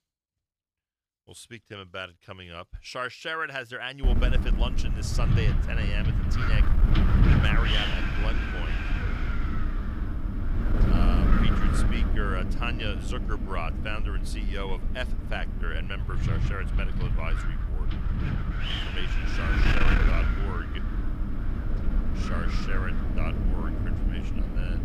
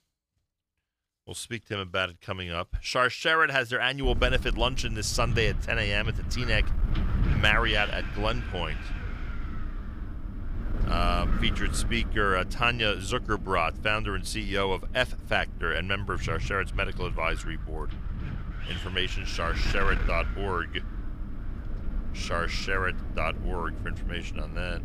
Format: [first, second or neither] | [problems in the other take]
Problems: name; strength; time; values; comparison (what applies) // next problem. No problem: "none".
second | wind noise on the microphone; heavy; from 4 s on; as loud as the speech; occasional gusts in the second